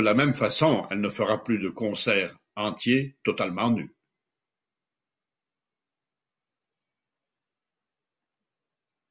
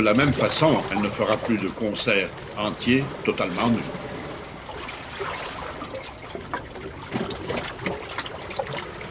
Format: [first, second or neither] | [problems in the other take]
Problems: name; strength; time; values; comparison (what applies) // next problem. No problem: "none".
first | background sound (Waves, surf); 6 dB below the speech